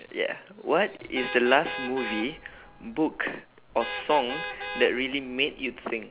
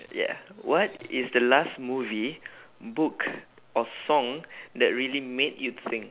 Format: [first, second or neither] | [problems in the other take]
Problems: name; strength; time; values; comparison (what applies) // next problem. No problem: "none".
second | background sound (Vehicle horn, car horn, honking); 10 dB below the speech